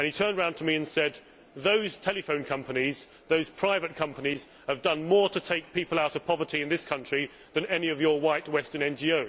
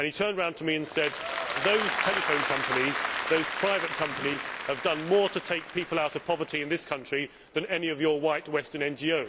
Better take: first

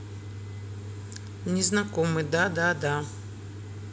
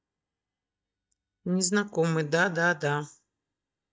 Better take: first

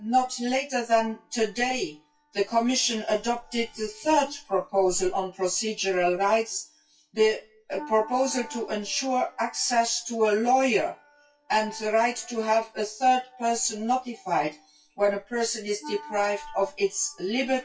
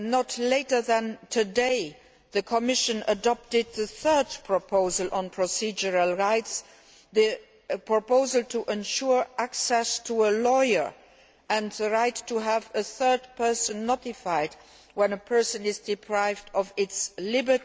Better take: second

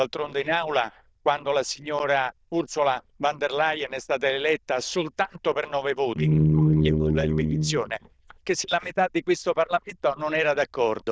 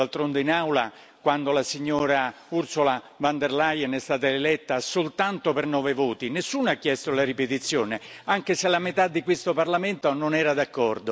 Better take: second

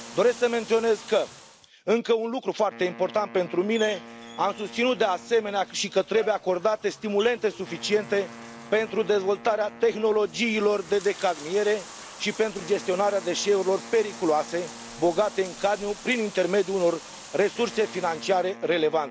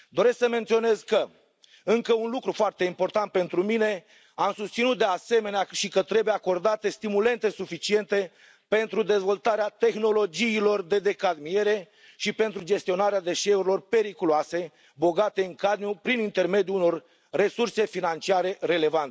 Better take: second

